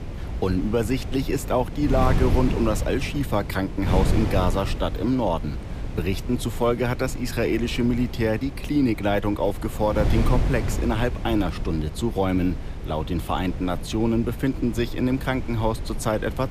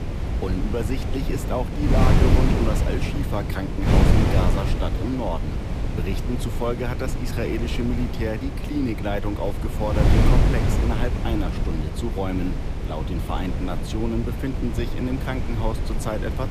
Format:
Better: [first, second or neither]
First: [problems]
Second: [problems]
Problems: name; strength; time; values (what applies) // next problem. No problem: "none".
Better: first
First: wind noise on the microphone; occasional gusts; 10 dB below the speech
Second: wind noise on the microphone; heavy; 2 dB below the speech